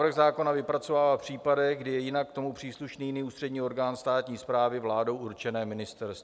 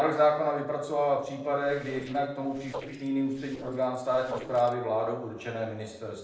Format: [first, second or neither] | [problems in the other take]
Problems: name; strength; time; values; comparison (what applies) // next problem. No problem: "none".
first | noise reduction (neural separator model SepFormer DNS4)